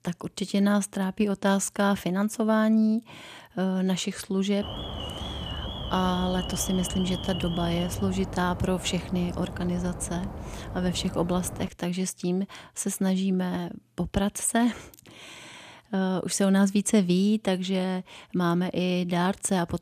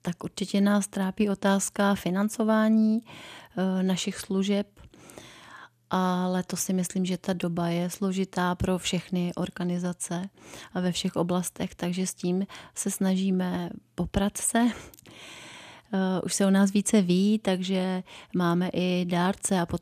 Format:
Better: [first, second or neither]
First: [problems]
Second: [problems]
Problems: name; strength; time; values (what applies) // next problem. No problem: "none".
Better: second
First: alarm; noticeable; from 4.5 to 12 s; peak 7 dB below the speech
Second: none